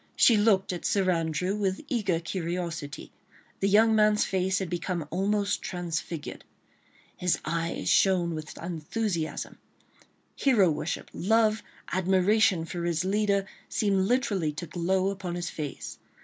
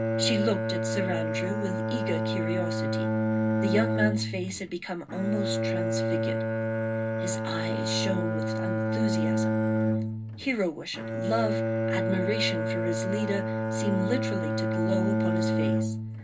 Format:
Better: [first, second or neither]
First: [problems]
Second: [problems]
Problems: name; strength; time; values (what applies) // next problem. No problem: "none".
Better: first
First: none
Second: background sound (Bowed string instrument); 5 dB above the speech // room echo; dies away in 0.2 s